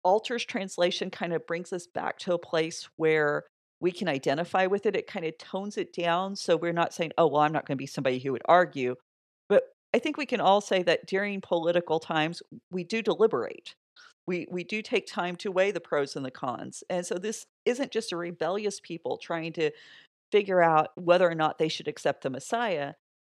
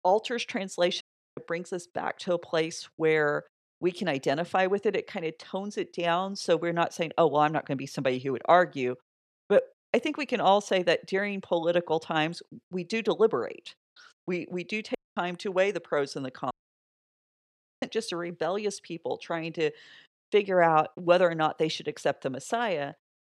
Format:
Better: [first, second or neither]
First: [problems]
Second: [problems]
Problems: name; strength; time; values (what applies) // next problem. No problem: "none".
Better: first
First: none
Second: audio cutting out; at 1 s, at 15 s and at 17 s for 1.5 s